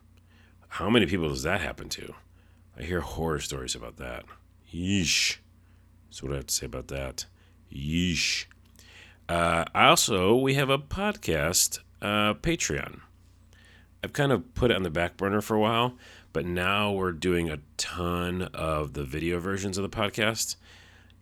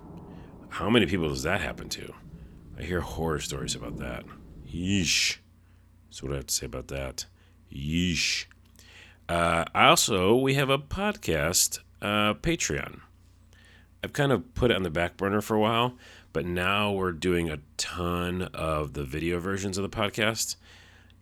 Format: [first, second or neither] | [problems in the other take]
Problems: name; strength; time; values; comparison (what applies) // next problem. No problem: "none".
first | rain or running water; noticeable; until 5 s; 20 dB below the speech